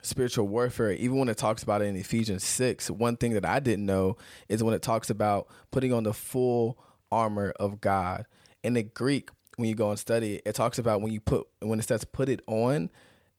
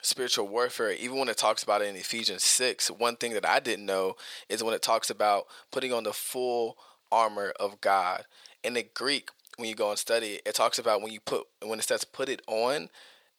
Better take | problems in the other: first | thin; very; fading below 600 Hz

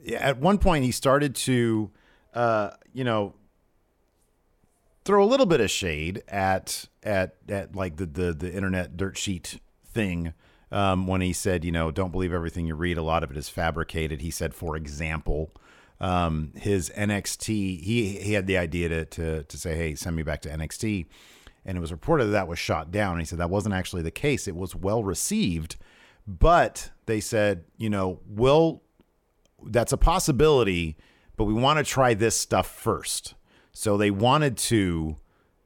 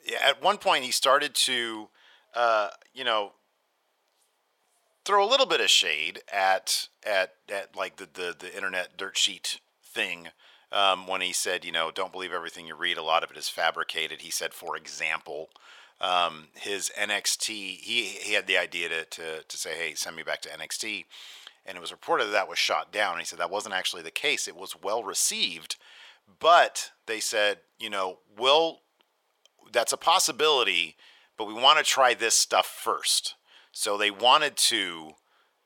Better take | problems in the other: first | thin; very; fading below 750 Hz

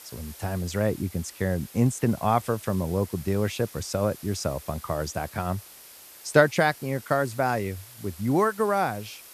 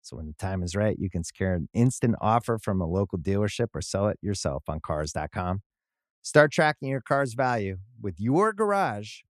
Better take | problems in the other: second | hiss; noticeable; throughout; 20 dB below the speech

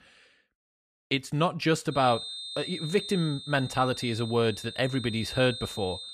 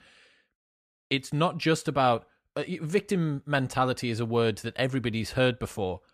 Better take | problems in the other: second | high-pitched whine; loud; from 2 s on; 3.5 kHz, 9 dB below the speech

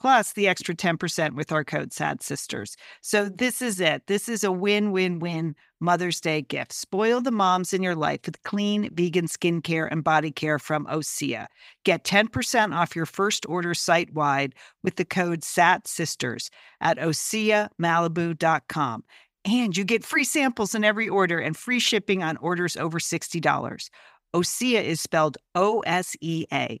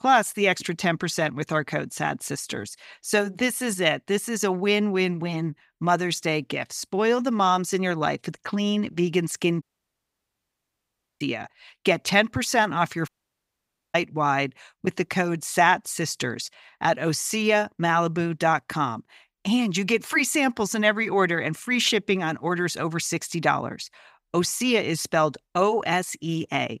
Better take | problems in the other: first | audio cutting out; at 9.5 s for 1.5 s and at 13 s for 1 s

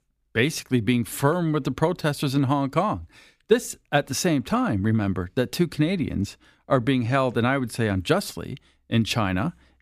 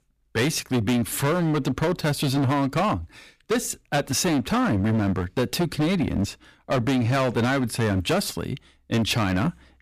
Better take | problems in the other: first | distortion; heavy; 18% of the sound clipped

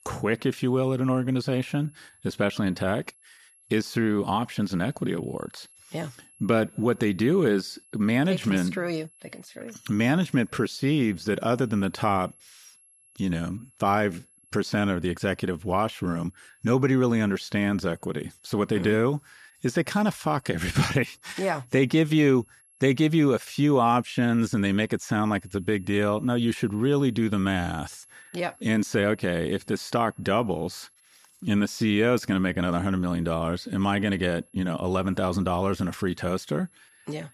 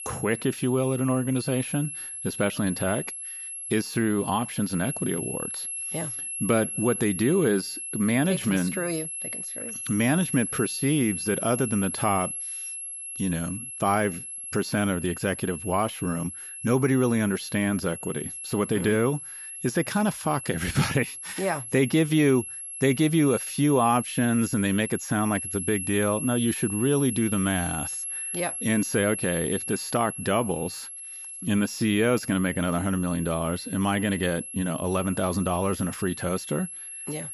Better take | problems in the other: first | high-pitched whine; loud; throughout; 11 kHz, 7 dB below the speech; faint in the first

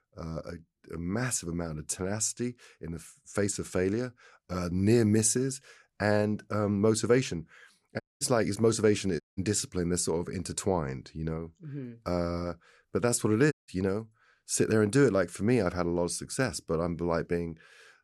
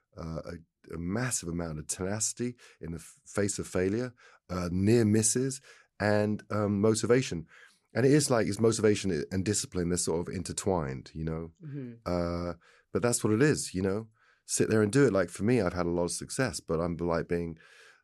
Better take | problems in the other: second | audio cutting out; at 8 s, at 9 s and at 14 s

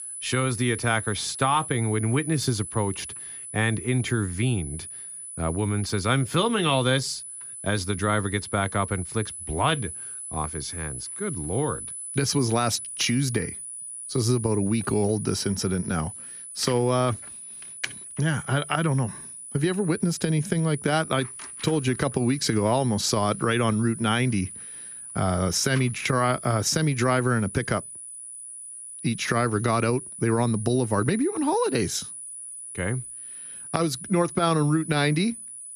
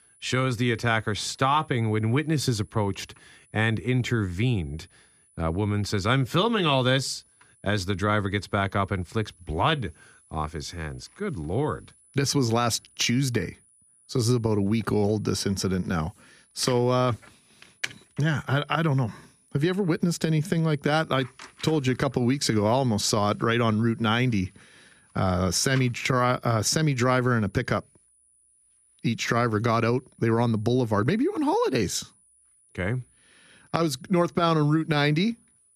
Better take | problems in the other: second | high-pitched whine; loud; throughout; 10 kHz, 10 dB below the speech; faint in the second

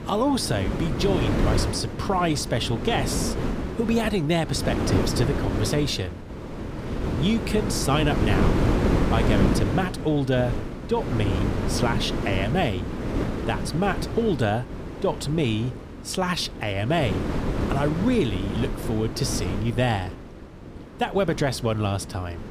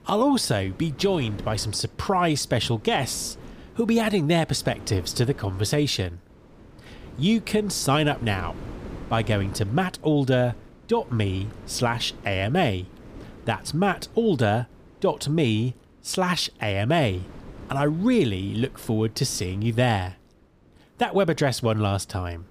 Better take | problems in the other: second | wind noise on the microphone; heavy; 5 dB below the speech; occasional gusts in the second

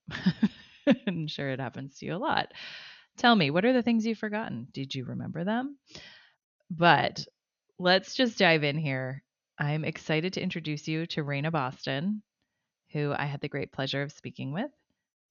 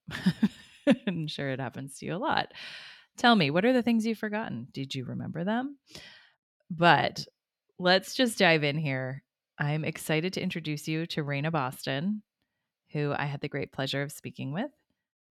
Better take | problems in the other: second | garbled, watery; slightly; nothing above 6.5 kHz

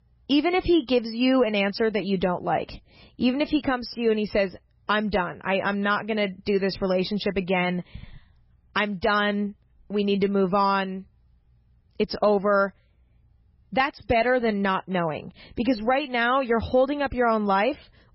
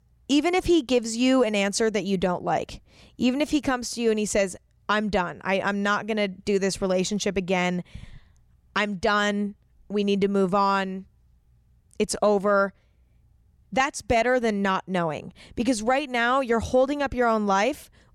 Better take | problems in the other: second | garbled, watery; badly; nothing above 5.5 kHz

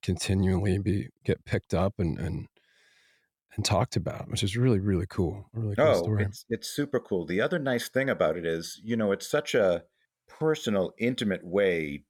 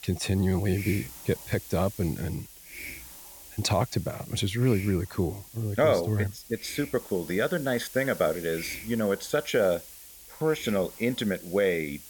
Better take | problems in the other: first | hiss; noticeable; throughout; 15 dB below the speech

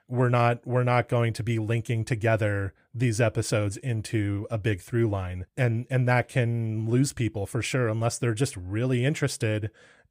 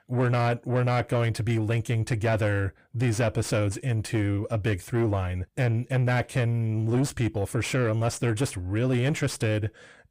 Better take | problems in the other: first | distortion; slight; 10 dB below the speech

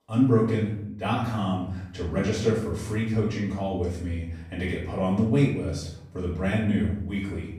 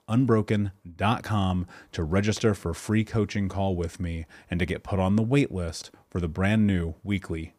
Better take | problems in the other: second | off-mic speech; far // room echo; noticeable; dies away in 0.6 s

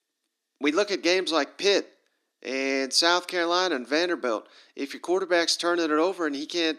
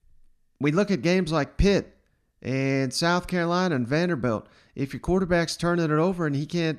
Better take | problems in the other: second | thin; somewhat; fading below 300 Hz

